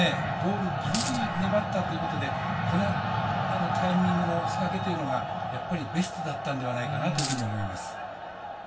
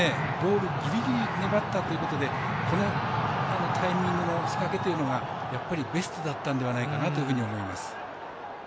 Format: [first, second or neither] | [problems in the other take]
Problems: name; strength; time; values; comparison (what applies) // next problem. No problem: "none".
second | background sound (Coin (dropping)); 7 dB below the speech // room echo; dies away in 0.2 s